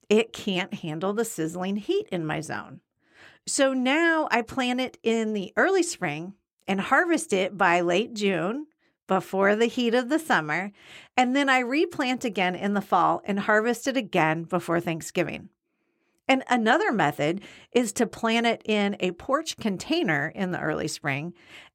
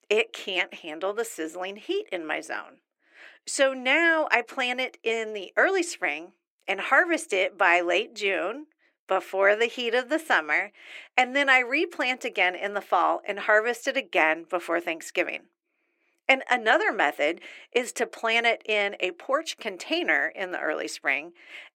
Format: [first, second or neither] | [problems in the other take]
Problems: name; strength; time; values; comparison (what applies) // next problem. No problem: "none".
first | thin; somewhat; fading below 300 Hz